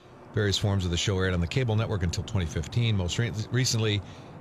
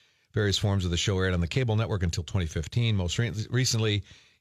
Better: second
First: traffic noise; noticeable; throughout; 15 dB below the speech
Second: none

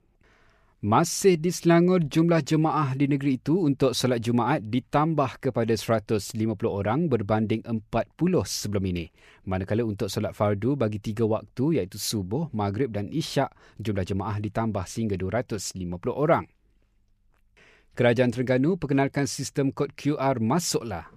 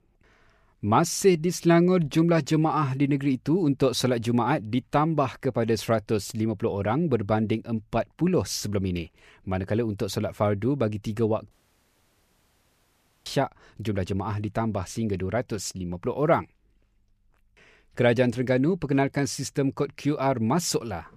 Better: first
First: none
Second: audio cutting out; at 12 s for 2 s

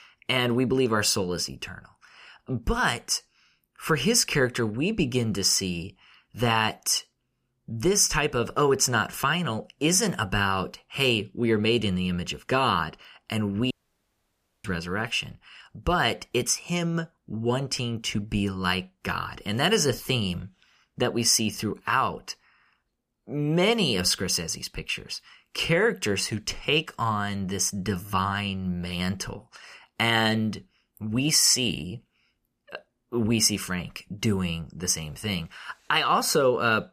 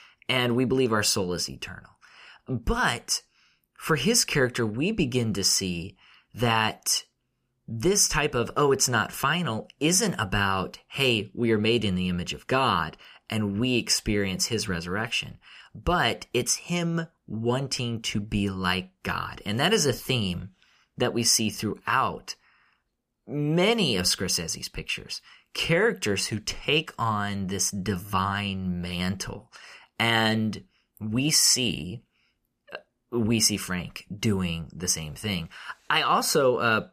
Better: second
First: audio cutting out; at 14 s for 1 s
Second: none

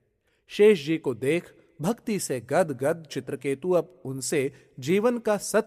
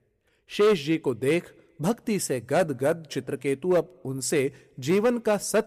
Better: first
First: none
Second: distortion; slight; 4% of the sound clipped

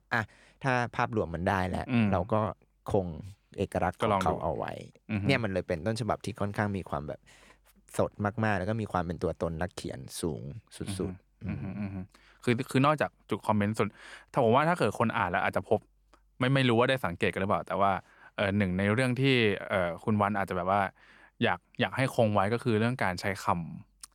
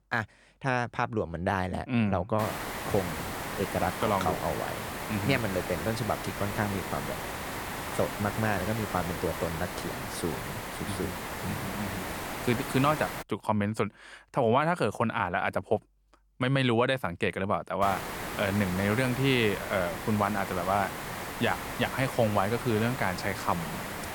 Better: first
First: none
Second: hiss; loud; from 2.5 to 13 s and from 18 s on; 6 dB below the speech

